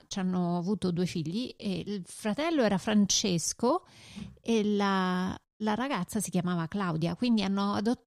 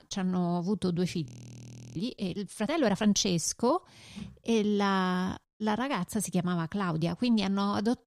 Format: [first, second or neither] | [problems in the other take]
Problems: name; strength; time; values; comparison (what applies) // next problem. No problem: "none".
first | audio freezing; at 1.5 s for 0.5 s